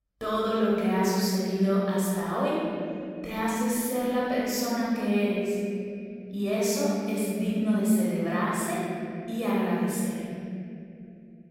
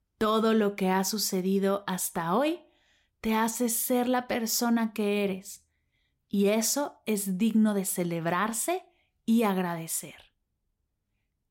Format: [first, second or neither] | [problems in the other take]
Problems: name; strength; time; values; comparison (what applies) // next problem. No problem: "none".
second | off-mic speech; far // room echo; strong; dies away in 3 s